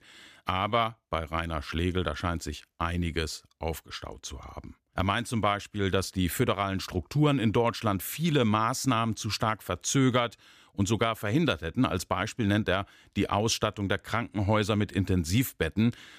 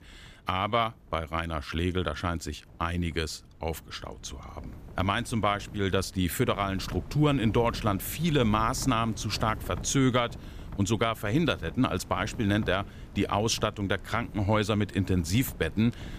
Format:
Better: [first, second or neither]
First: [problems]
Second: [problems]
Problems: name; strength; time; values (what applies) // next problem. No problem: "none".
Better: first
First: none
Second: wind noise on the microphone; occasional gusts; 20 dB below the speech